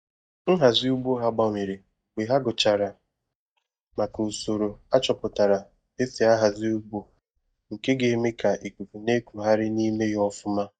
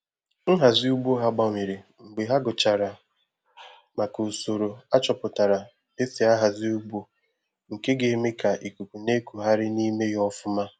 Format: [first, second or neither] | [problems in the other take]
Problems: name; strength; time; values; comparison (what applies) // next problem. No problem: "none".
second | noise reduction (neural mask model DeepFilterNet 3)